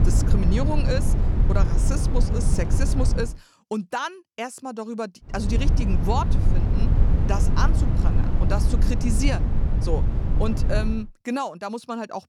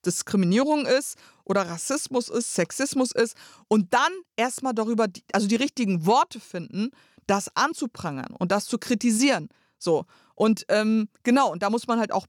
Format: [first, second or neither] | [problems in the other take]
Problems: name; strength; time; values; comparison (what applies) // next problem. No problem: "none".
second | low rumble; loud; until 3 s and from 5.5 to 11 s; 5 dB below the speech